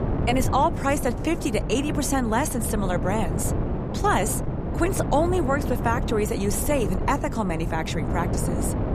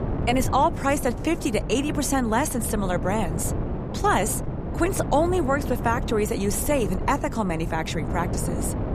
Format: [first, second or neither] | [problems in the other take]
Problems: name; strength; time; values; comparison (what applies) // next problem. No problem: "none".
second | wind noise on the microphone; heavy; 8 dB below the speech; occasional gusts in the second